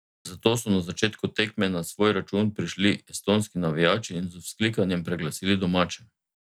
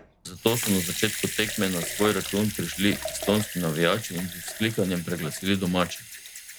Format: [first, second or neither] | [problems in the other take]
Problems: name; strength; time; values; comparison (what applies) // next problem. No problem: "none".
first | background sound (Sink (filling or washing) / Water tap, faucet / Liquid); 8 dB below the speech